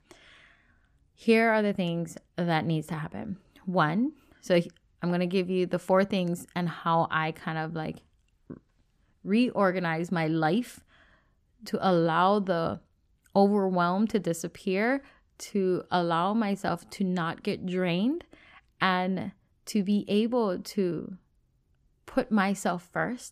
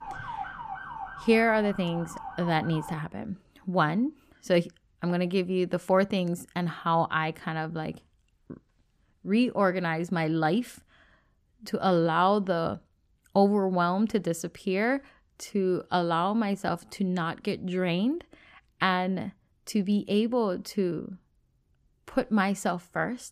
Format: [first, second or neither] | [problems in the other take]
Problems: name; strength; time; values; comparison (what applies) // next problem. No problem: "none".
first | siren; noticeable; until 3 s; peak 9 dB below the speech